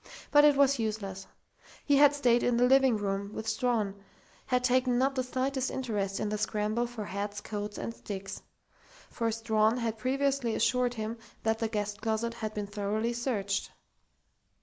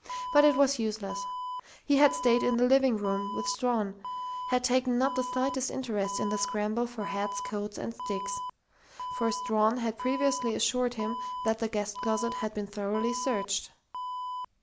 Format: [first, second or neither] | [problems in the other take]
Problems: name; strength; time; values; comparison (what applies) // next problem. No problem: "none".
first | background sound (Alarm); 8 dB below the speech